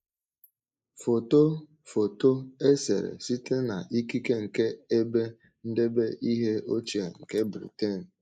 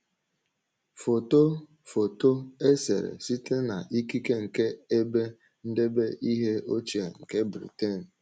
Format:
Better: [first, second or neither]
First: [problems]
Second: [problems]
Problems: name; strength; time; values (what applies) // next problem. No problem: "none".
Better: second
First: noise reduction (neural mask model Resemble Enhance denoiser)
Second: none